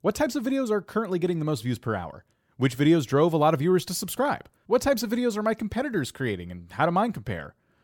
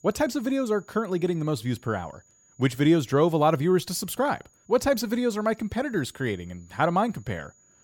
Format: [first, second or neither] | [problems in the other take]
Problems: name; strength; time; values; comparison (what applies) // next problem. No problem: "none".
first | high-pitched whine; faint; throughout; 7 kHz, 35 dB below the speech